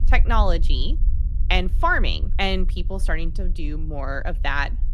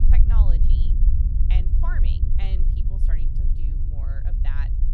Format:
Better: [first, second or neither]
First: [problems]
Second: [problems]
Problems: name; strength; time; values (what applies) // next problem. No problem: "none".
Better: first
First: low rumble; faint; throughout; 25 dB below the speech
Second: low rumble; loud; throughout; 1 dB below the speech